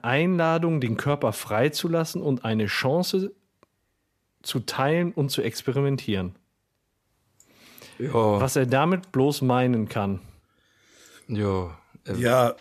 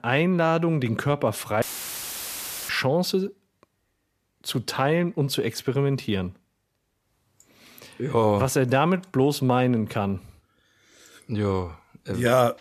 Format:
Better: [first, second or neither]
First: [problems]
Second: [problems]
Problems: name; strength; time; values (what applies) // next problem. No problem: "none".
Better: first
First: none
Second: audio cutting out; filled with static; at 1.5 s for 1 s